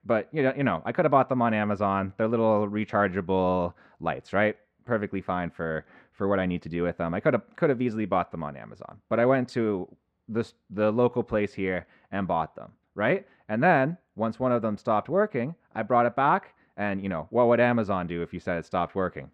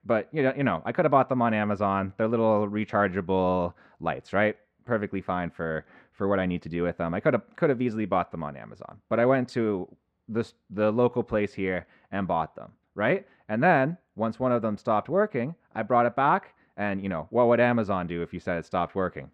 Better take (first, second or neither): neither